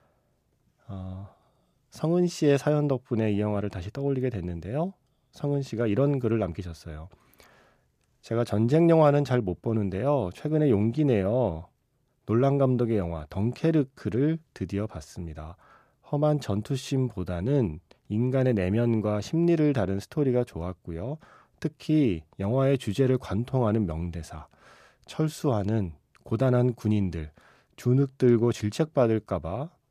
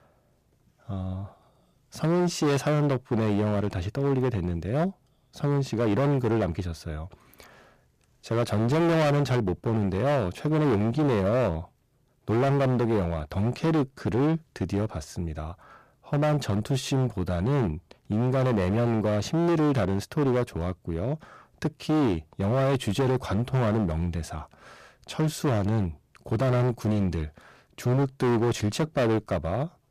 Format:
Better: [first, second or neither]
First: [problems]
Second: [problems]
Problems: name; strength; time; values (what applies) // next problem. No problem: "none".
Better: first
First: none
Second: distortion; heavy; 16% of the sound clipped